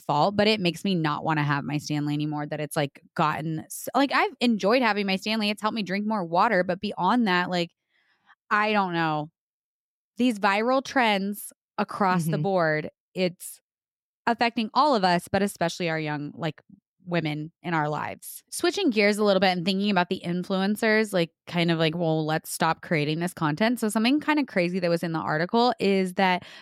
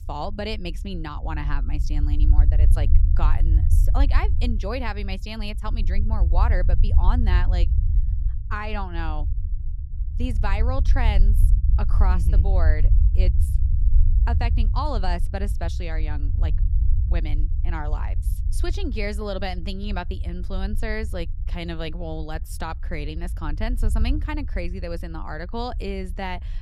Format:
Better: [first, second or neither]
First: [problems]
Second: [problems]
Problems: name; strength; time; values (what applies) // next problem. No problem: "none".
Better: first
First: none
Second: low rumble; noticeable; throughout; 10 dB below the speech